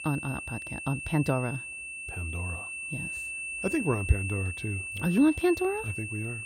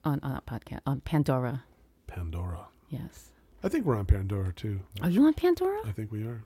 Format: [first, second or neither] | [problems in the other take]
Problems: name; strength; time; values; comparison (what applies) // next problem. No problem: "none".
second | high-pitched whine; loud; throughout; 2.5 kHz, 5 dB below the speech